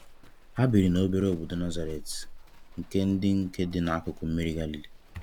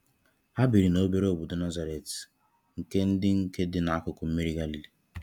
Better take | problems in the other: second | background sound (Livestock, farm animals, working animals); 13 dB below the speech

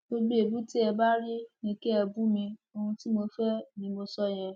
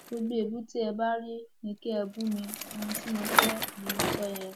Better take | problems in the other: first | background sound (Bicycle); 1 dB below the speech

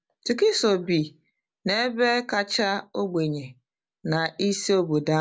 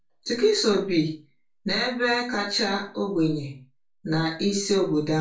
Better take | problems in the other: first | room echo; dies away in 0.3 s

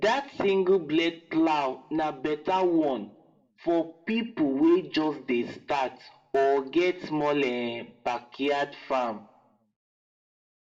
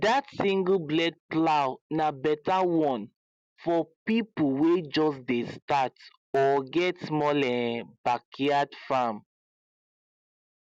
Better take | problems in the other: second | room echo; dies away in 0.4 s

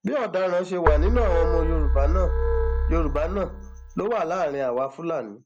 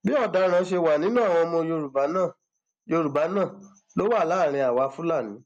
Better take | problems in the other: second | background sound (Keyboard (musical)); 3 dB above the speech

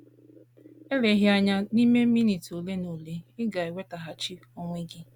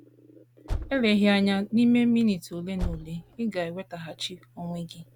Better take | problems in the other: first | background sound (Car); 11 dB below the speech

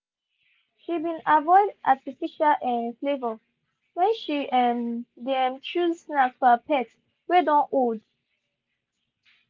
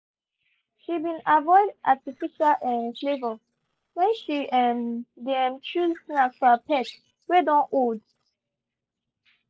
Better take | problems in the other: first | noise reduction (neural separator model SepFormer DNS4)

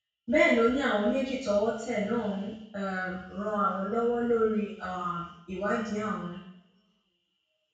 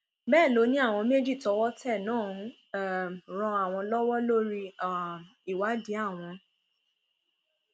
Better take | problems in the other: second | room echo; dies away in 0.6 s

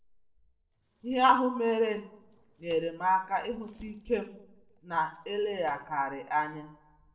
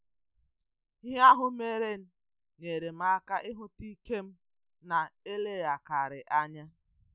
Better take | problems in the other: second | noise reduction (neural separator model SepFormer DNS4)

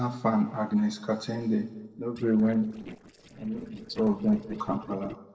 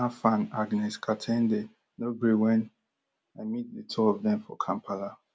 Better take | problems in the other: second | noise reduction (neural separator model SepFormer DNS4)

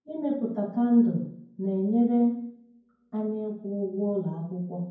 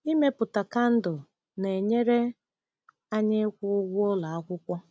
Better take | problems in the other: second | room echo; dies away in 0.9 s

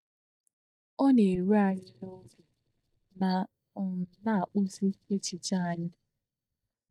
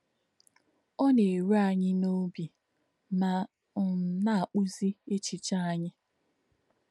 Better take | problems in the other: second | noise reduction (neural mask model DeepFilterNet 3)

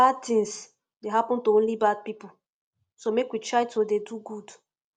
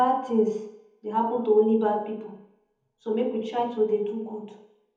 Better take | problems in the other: first | room echo; dies away in 1 s

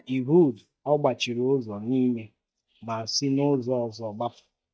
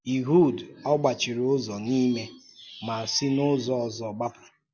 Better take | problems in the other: second | noise reduction (neural mask model DeepFilterNet 3)

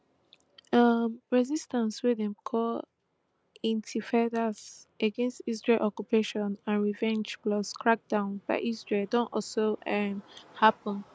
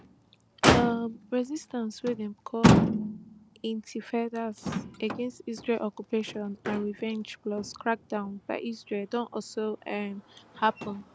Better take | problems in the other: first | background sound (Motor vehicle (road)); 1 dB above the speech

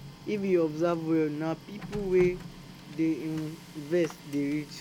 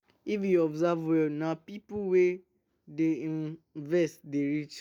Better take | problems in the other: second | background sound (Printer); 14 dB below the speech

